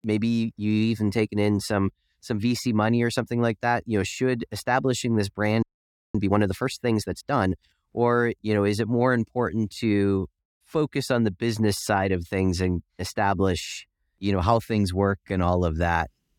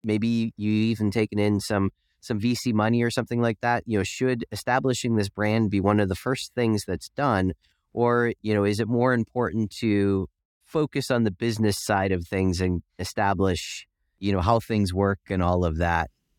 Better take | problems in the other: second | audio freezing; at 5.5 s for 0.5 s

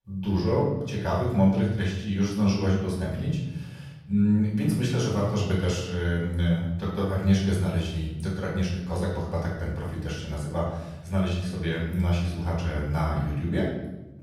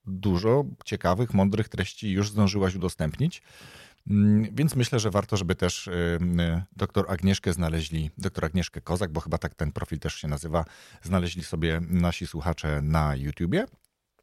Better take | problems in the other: second | room echo; noticeable; dies away in 1 s // off-mic speech; far

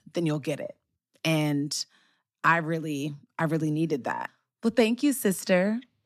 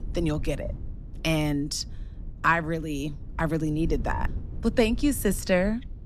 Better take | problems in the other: first | low rumble; faint; throughout; 25 dB below the speech

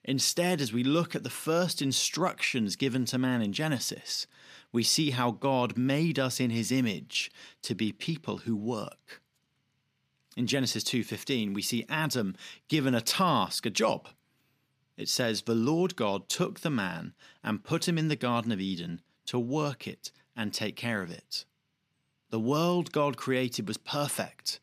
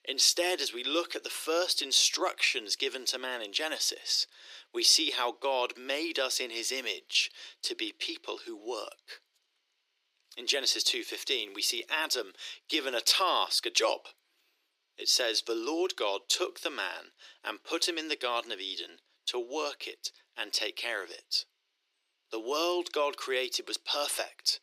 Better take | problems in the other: first | thin; very; fading below 350 Hz

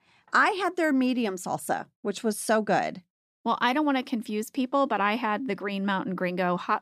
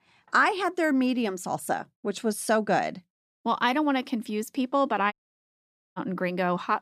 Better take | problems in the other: first | audio cutting out; at 5 s for 1 s

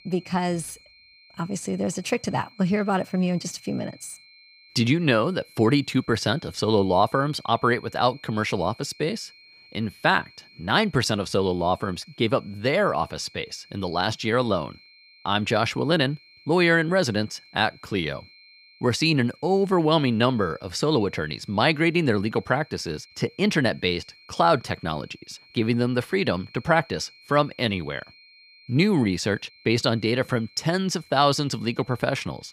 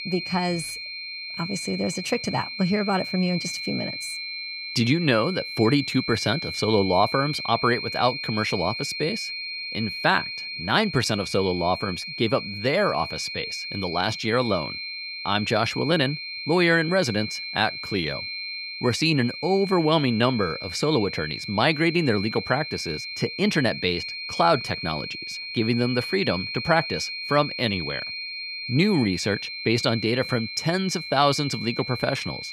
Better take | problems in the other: first | high-pitched whine; loud; throughout; 4 kHz, 7 dB below the speech; faint in the first

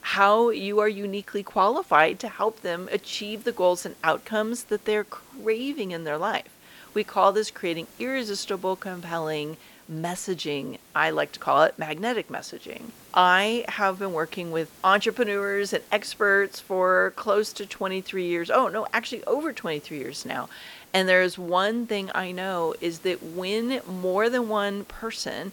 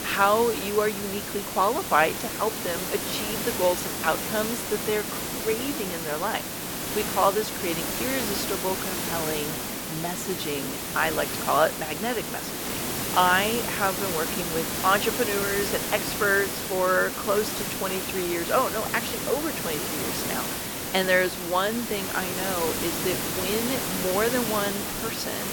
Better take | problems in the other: first | hiss; loud; throughout; 2 dB below the speech; faint in the first

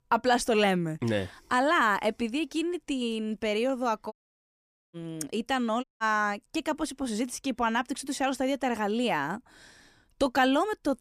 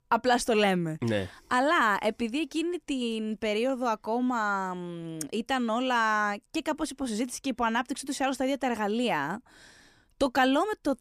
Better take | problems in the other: second | audio cutting out; at 4 s for 1 s and at 6 s

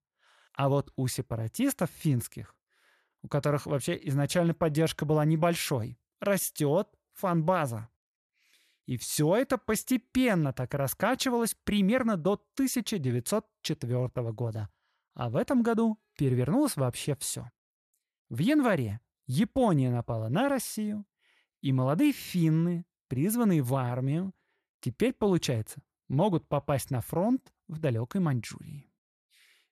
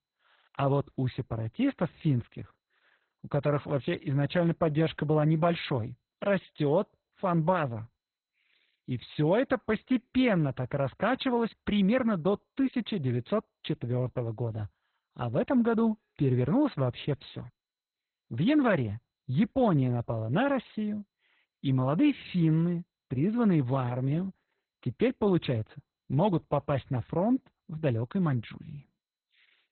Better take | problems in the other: first | garbled, watery; badly; nothing above 4 kHz

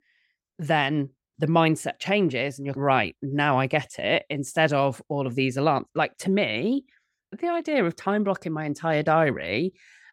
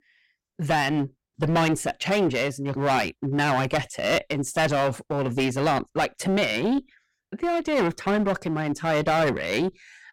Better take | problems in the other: first | distortion; heavy; 12% of the sound clipped

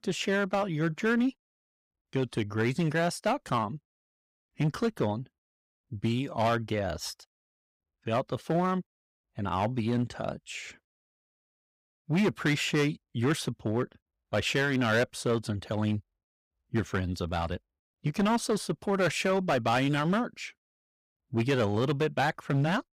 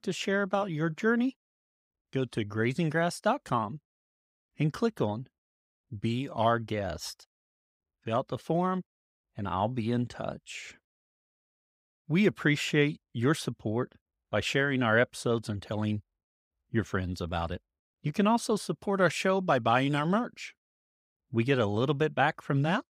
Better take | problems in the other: second | distortion; slight; 6% of the sound clipped

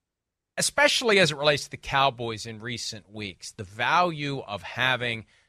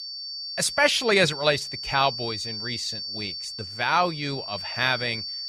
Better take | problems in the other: first | high-pitched whine; loud; throughout; 4.5 kHz, 7 dB below the speech

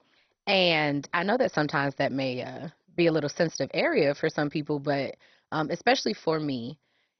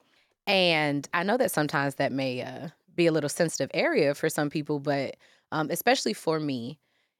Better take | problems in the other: second | garbled, watery; badly; nothing above 6 kHz

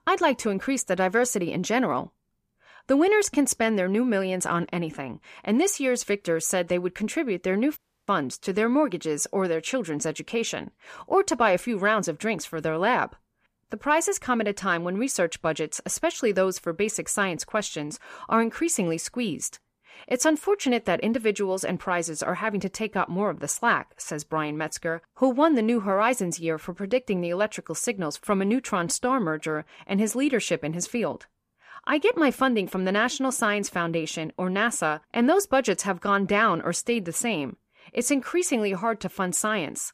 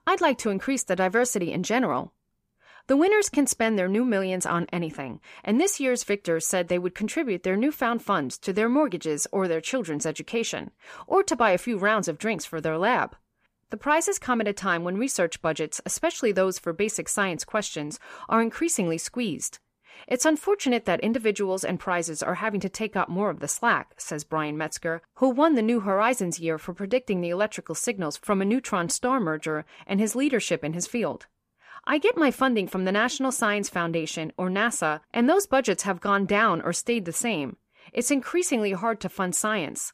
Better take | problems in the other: second | audio cutting out; at 8 s

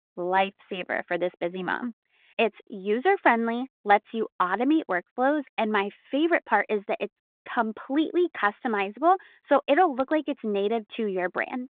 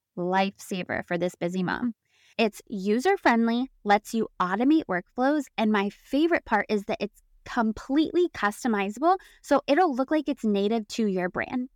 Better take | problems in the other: second | phone-call audio

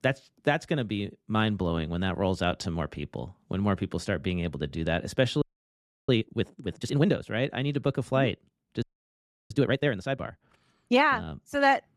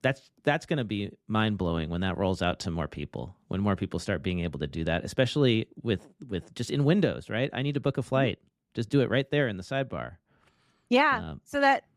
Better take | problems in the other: second | audio freezing; at 5.5 s for 0.5 s and at 9 s for 0.5 s

